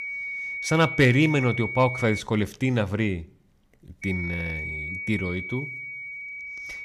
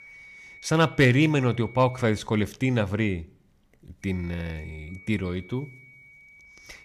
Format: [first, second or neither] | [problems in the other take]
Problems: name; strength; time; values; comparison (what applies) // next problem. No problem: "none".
second | high-pitched whine; loud; until 2 s and from 4 s on; 2.5 kHz, 7 dB below the speech; faint in the second